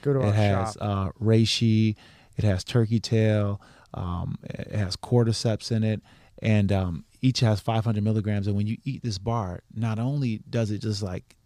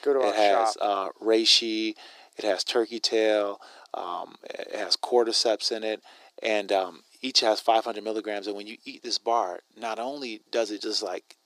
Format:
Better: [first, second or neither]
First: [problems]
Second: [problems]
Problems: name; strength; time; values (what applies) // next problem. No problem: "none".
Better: first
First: none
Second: thin; very; fading below 350 Hz